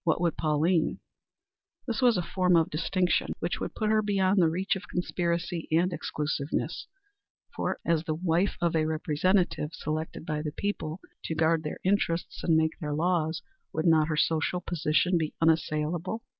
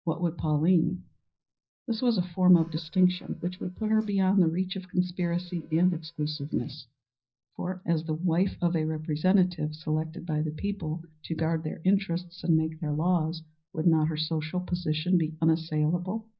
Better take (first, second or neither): first